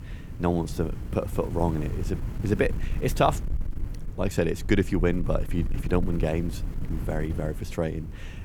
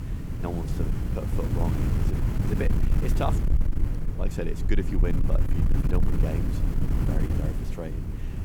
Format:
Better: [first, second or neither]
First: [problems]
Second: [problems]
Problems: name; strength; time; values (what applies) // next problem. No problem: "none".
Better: first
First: wind noise on the microphone; occasional gusts; 15 dB below the speech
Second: wind noise on the microphone; heavy; 2 dB below the speech